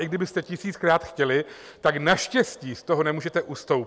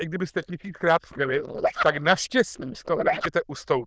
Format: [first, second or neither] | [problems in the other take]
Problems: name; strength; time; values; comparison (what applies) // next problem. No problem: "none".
first | noise reduction (neural diffusion model UNIVERSE++)